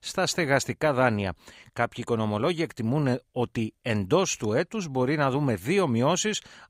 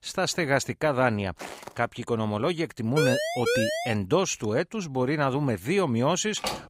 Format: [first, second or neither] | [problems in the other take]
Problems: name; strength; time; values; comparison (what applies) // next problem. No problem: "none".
first | footsteps; faint; at 1.5 s; peak 15 dB below the speech // siren; loud; at 3 s; peak 1 dB above the speech // door banging; very faint; at 6.5 s; peak 6 dB below the speech